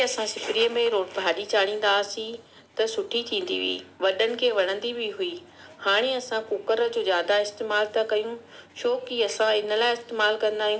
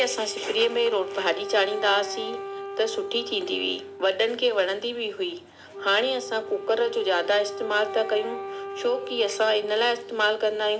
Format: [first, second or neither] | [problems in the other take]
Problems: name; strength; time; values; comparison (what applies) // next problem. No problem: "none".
first | background sound (Wind instrument, woodwind instrument); 11 dB below the speech